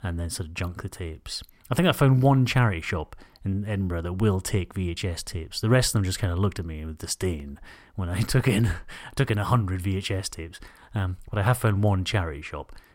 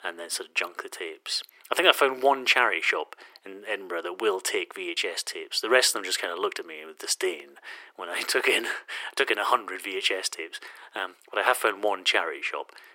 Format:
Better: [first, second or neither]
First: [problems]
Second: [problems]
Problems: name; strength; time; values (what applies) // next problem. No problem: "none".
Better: first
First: none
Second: thin; very; fading below 350 Hz